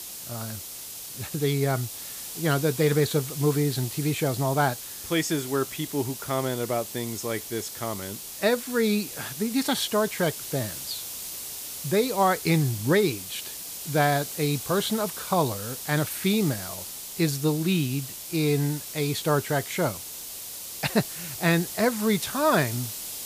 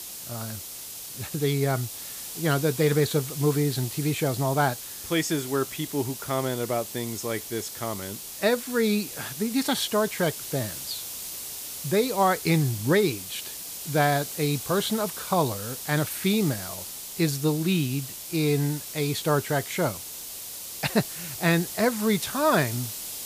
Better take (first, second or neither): neither